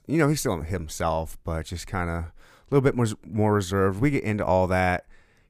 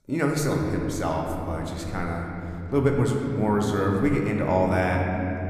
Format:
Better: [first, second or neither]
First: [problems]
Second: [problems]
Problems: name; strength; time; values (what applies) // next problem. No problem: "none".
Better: first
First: none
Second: room echo; noticeable; dies away in 3 s